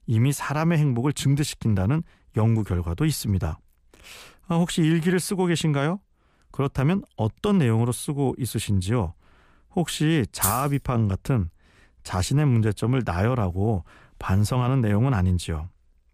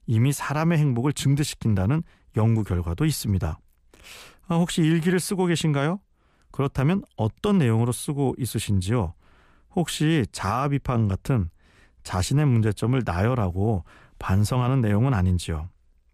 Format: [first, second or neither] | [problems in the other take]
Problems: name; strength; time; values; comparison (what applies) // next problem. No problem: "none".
second | jangling keys; noticeable; at 10 s; peak 1 dB below the speech